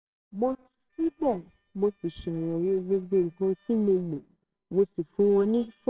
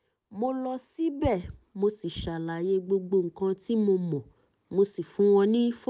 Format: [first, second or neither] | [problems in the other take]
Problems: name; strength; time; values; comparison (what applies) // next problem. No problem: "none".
second | noise reduction (neural separator model SepFormer WHAMR!)